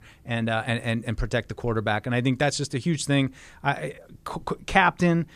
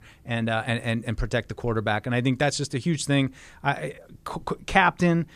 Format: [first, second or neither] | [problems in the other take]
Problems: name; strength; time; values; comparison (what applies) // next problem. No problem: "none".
neither | none